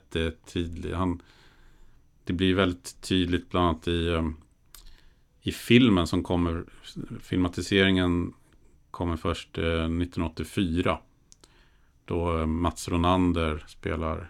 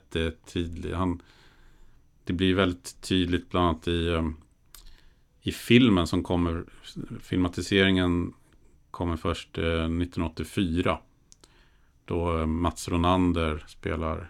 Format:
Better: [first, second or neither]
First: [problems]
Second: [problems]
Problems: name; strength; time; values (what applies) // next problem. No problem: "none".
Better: neither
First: none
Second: none